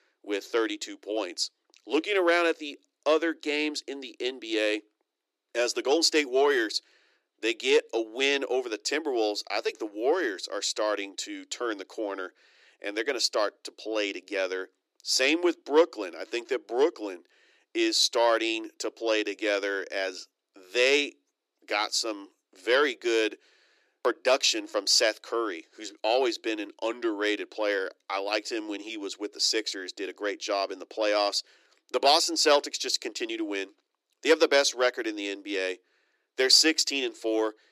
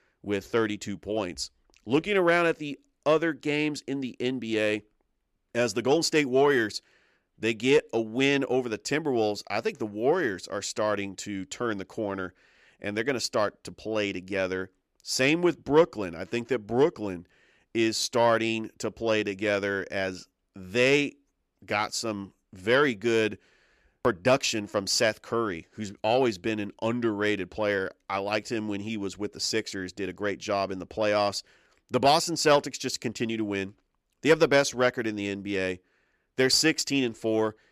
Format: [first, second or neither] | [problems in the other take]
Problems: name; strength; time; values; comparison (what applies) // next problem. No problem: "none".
second | thin; somewhat; fading below 300 Hz